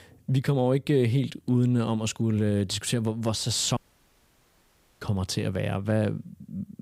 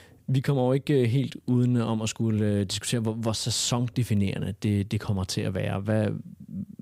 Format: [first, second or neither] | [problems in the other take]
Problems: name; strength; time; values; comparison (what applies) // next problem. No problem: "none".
second | audio cutting out; at 4 s for 1 s